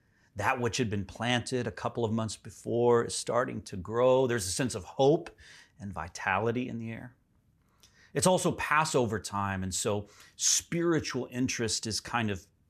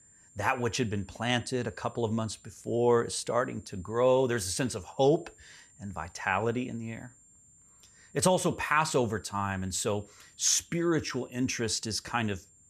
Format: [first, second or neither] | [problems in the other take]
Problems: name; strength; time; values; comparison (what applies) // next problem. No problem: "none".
first | high-pitched whine; faint; throughout; 7.5 kHz, 25 dB below the speech